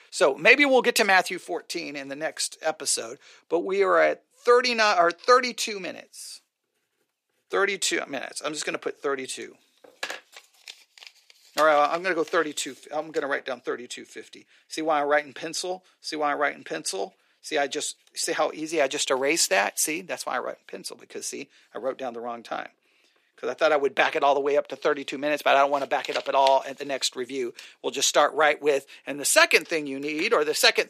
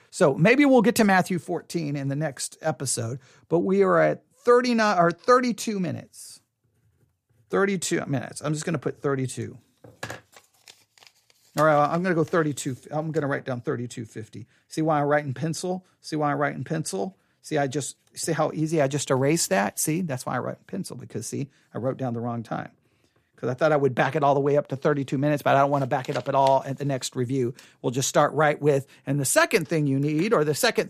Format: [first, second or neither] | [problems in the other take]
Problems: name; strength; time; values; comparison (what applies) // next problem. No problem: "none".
second | thin; somewhat; fading below 350 Hz